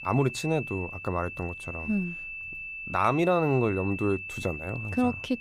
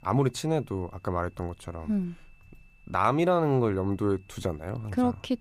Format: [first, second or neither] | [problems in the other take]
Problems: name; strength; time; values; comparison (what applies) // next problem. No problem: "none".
second | high-pitched whine; loud; throughout; 2.5 kHz, 8 dB below the speech; faint in the second